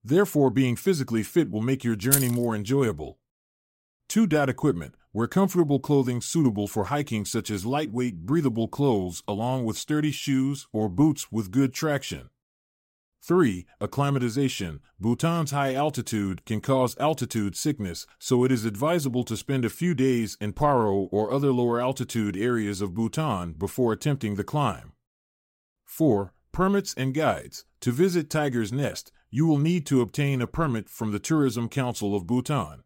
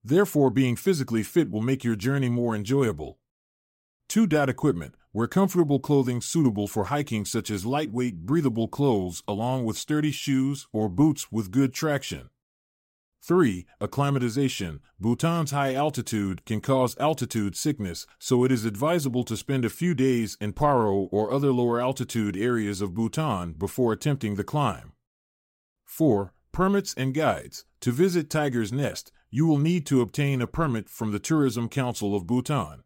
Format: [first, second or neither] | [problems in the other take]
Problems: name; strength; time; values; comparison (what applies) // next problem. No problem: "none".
second | jangling keys; loud; at 2 s; peak 3 dB above the speech